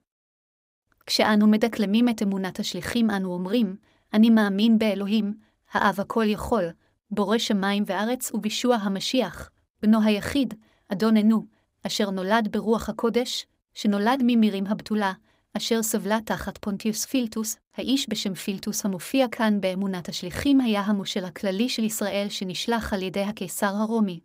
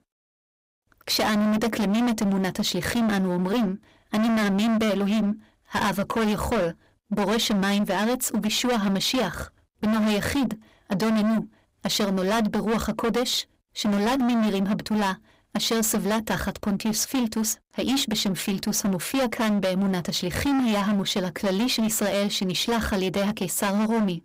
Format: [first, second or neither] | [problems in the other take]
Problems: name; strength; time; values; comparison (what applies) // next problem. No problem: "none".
first | distortion; heavy; 27% of the sound clipped